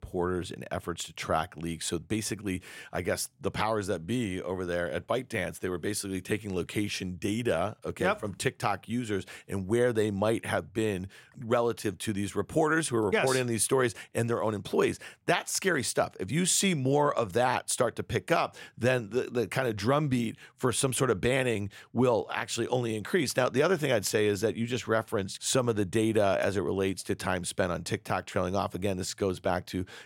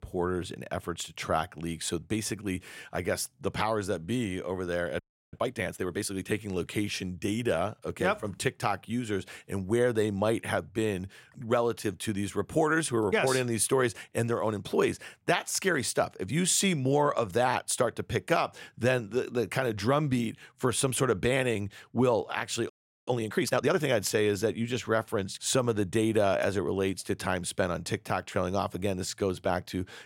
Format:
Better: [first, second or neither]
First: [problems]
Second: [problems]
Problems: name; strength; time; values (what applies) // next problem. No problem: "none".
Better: first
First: none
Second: audio freezing; at 5 s and at 23 s